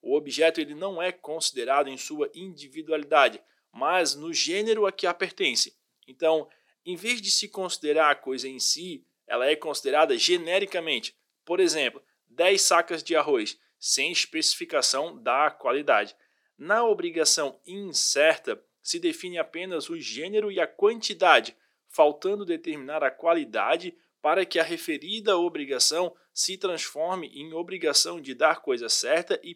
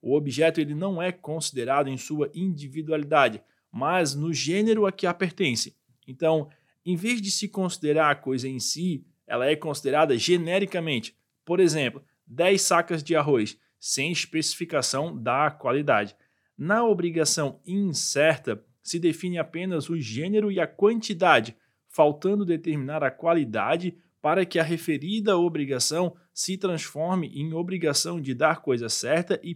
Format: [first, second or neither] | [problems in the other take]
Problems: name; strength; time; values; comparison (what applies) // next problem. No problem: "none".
second | thin; somewhat; fading below 350 Hz